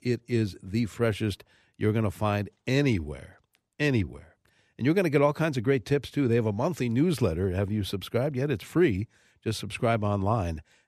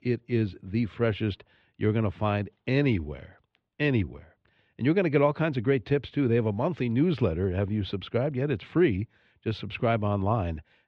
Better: first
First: none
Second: muffled; slightly; fading above 3.5 kHz

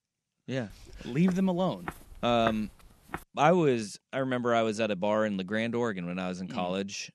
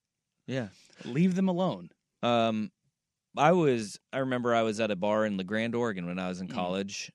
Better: second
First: footsteps; noticeable; from 1 to 3 s; peak 7 dB below the speech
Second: none

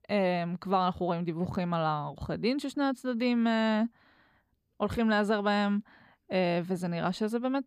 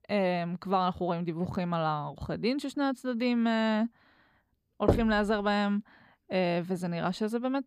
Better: first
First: none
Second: door banging; loud; at 5 s; peak 1 dB above the speech

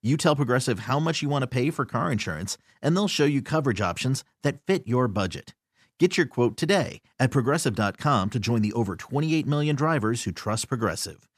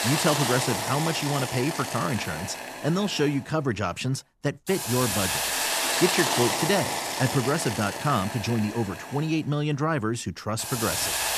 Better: first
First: none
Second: hiss; loud; throughout; 1 dB below the speech

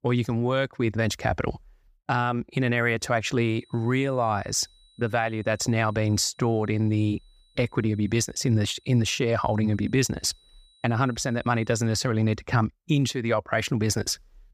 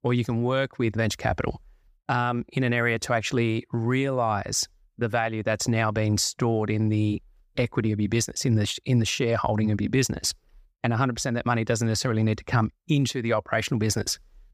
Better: second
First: high-pitched whine; faint; from 3.5 to 12 s; 4 kHz, 35 dB below the speech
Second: none

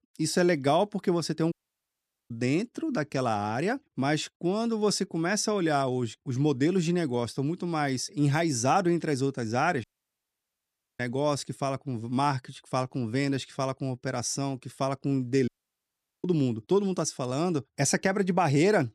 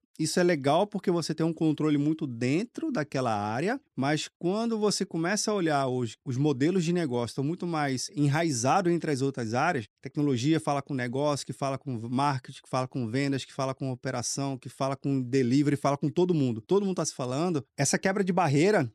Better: second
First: audio cutting out; at 1.5 s for 1 s, at 10 s for 1 s and at 15 s for 1 s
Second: none

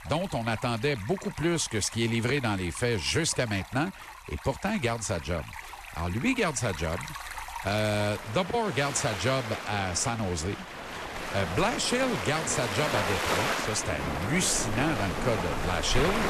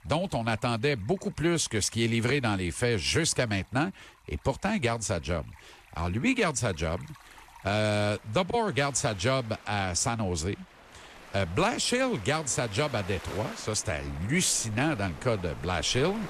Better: second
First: rain or running water; loud; throughout; 6 dB below the speech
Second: rain or running water; faint; throughout; 20 dB below the speech

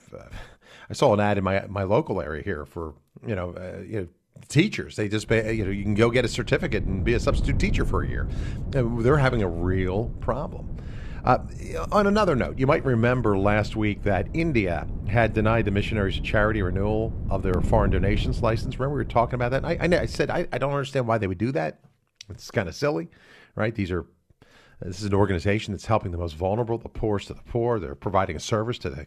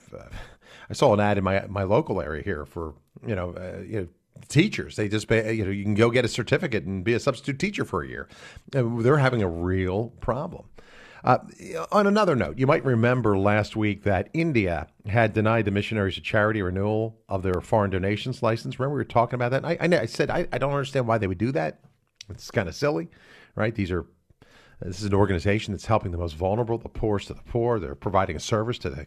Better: second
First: wind noise on the microphone; occasional gusts; from 5.5 to 20 s; 20 dB below the speech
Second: none

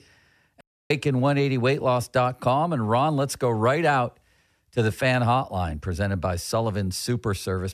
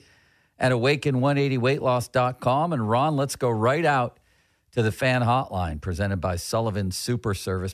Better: second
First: audio cutting out; at 0.5 s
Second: none

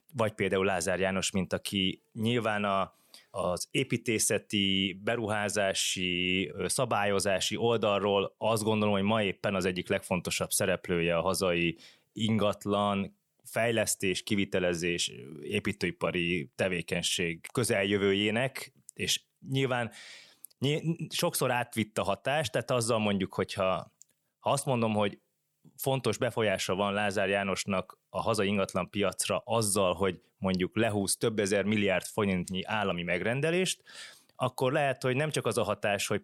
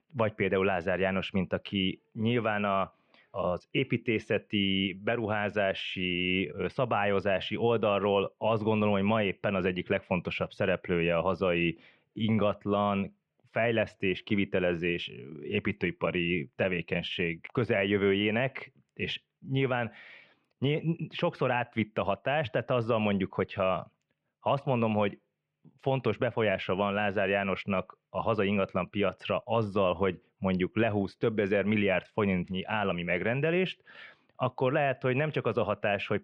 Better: first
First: none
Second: muffled; very; fading above 2.5 kHz

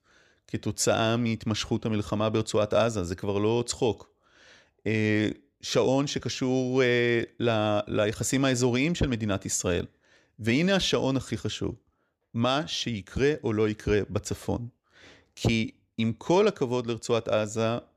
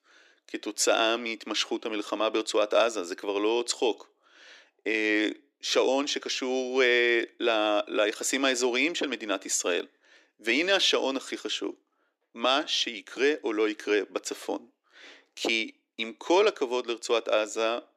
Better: first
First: none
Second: thin; somewhat; fading below 300 Hz

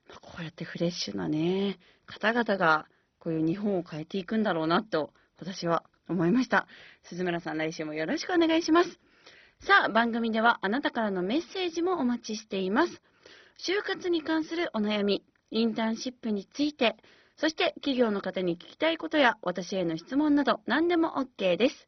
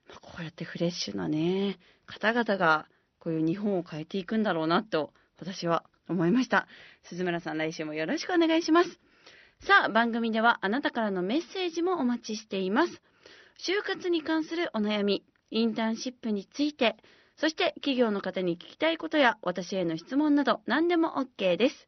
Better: second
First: garbled, watery; badly; nothing above 6 kHz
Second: garbled, watery; slightly; nothing above 6 kHz

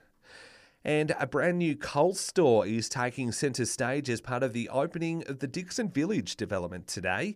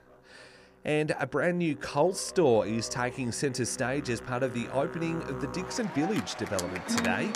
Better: first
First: none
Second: background music; loud; throughout; 8 dB below the speech

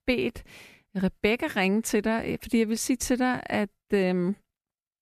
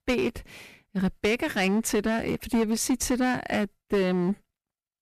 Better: first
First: none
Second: distortion; slight; 7% of the sound clipped

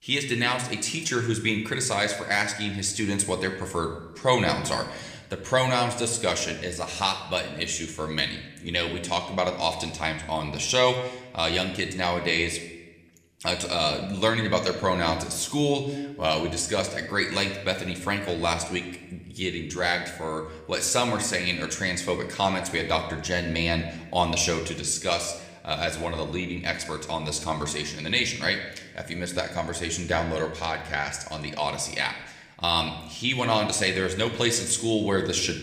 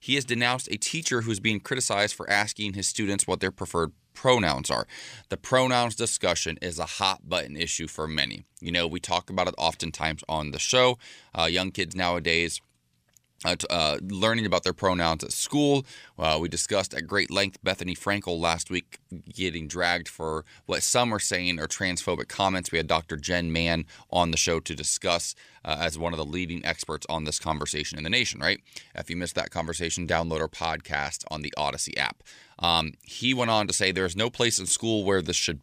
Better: second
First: room echo; slight; dies away in 0.8 s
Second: none

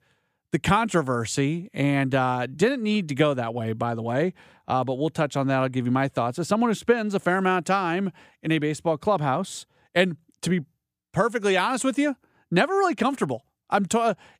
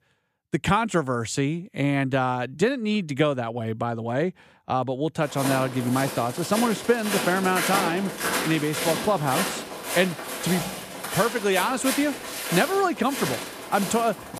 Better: first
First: none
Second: footsteps; loud; from 5.5 s on; peak 1 dB above the speech

